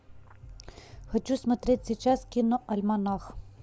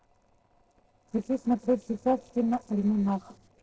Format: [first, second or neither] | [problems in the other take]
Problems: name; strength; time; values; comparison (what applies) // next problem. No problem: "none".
first | noise reduction (neural separator model SepFormer DNS4)